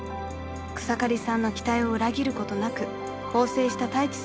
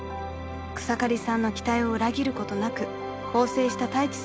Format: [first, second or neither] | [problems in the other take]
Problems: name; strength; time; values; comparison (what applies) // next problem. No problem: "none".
second | background sound (Guitar); 18 dB below the speech